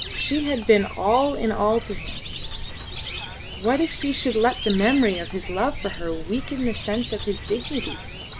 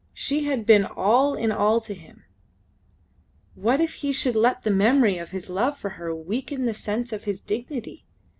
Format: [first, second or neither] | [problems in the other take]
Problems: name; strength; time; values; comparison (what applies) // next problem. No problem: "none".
second | background sound (Cricket + Bird); 8 dB below the speech